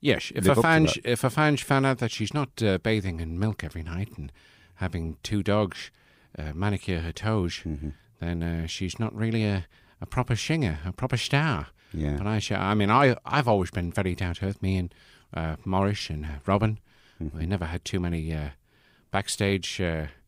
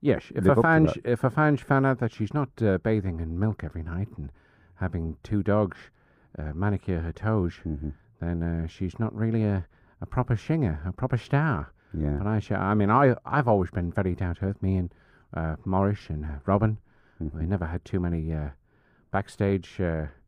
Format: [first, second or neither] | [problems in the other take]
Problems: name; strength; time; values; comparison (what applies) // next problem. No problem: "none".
first | muffled; very; fading above 1.5 kHz